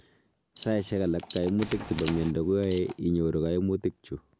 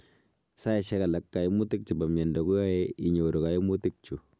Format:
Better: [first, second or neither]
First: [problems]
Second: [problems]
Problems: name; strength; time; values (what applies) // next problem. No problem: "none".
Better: second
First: background sound (Alarm + Tools); 16 dB below the speech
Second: none